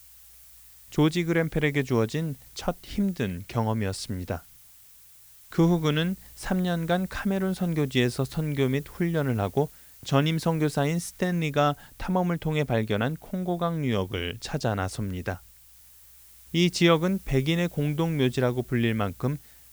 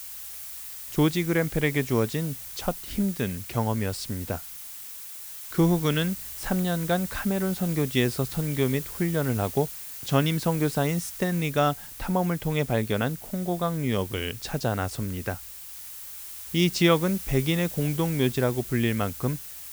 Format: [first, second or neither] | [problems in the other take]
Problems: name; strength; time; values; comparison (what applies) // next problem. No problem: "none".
first | hiss; loud; throughout; 10 dB below the speech; faint in the first